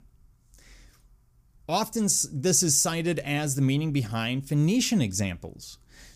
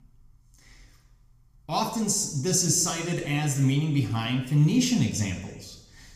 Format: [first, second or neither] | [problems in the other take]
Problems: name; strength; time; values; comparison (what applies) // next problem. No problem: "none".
first | room echo; slight; dies away in 1 s